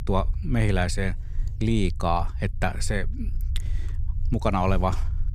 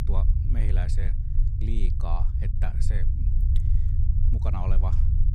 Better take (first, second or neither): first